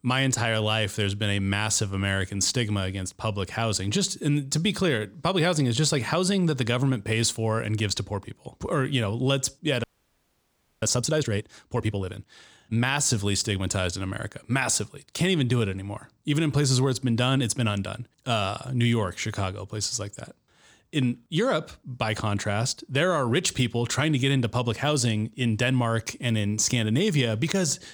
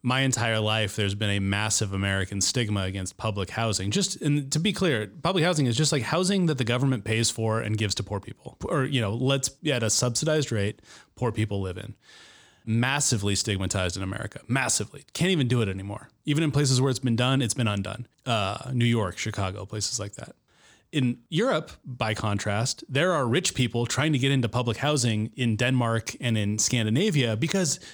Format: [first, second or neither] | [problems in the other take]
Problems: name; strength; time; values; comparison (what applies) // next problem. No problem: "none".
second | audio freezing; at 10 s for 1 s